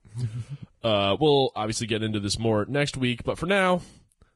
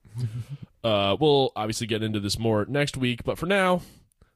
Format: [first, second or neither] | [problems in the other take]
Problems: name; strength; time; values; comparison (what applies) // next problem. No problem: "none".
second | garbled, watery; badly; nothing above 10.5 kHz; slightly in the second